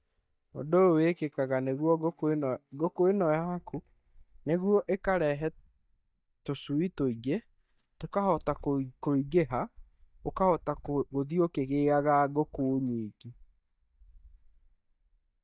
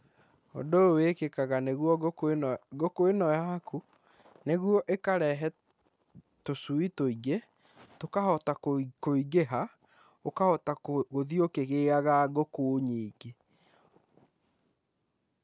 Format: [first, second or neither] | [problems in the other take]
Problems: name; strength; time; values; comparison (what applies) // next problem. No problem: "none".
second | noise reduction (neural mask model DeepFilterNet 3)